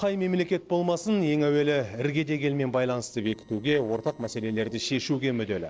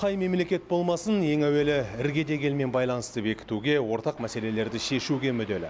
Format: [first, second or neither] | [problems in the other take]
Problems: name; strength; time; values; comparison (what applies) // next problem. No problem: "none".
second | noise reduction (neural separator model SepFormer DNS4)